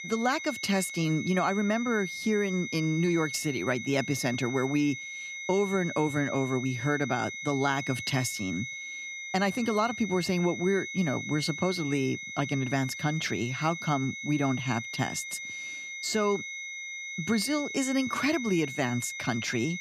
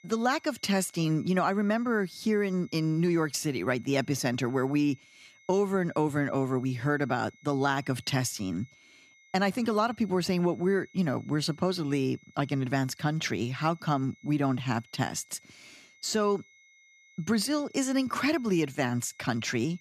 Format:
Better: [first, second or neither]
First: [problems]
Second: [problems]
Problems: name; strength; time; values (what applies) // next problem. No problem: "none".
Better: second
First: high-pitched whine; loud; throughout; 2 kHz, 7 dB below the speech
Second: high-pitched whine; faint; throughout; 2 kHz, 30 dB below the speech